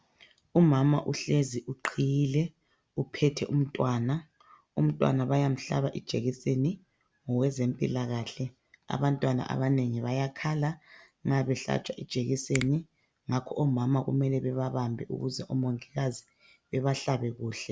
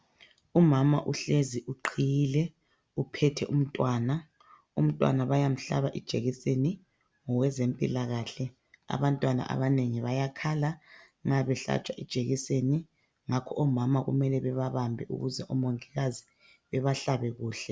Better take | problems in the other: second | background sound (Finger snapping); 15 dB below the speech

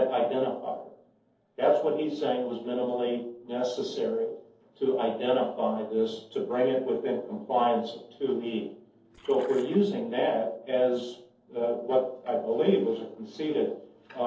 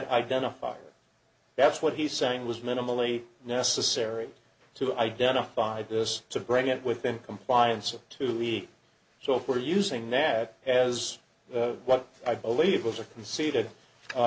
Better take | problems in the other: second | noise reduction (neural separator model SepFormer DNS4)

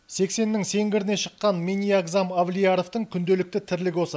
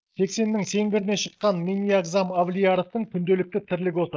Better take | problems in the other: first | noise reduction (neural mask model Resemble Enhance denoiser)

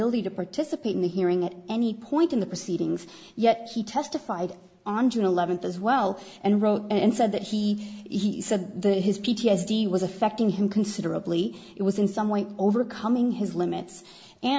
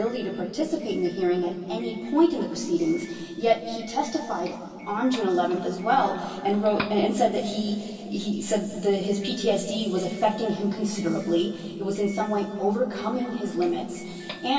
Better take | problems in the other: first | background sound (Doorbell); 20 dB below the speech // room echo; dies away in 2.5 s

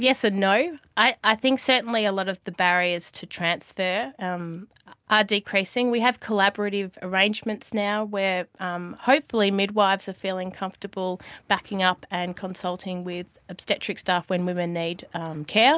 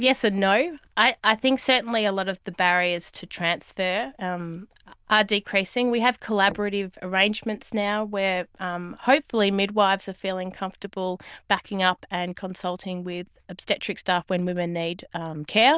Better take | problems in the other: first | noise reduction (neural diffusion model UNIVERSE++)

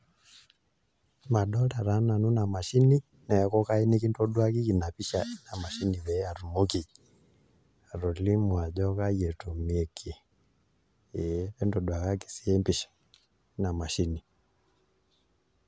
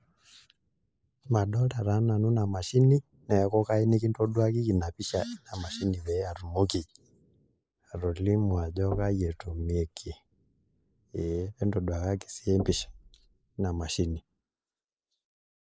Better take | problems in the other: first | noise reduction (neural mask model Resemble Enhance denoiser)

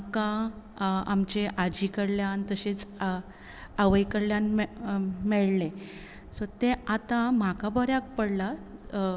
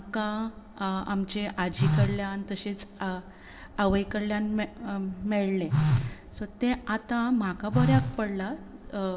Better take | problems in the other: first | background sound (Telephone); as loud as the speech // room echo; dies away in 2.2 s

